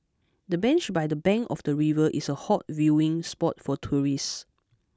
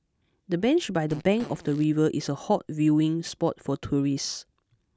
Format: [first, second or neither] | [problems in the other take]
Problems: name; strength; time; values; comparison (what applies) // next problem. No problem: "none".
first | background sound (Fart); 18 dB below the speech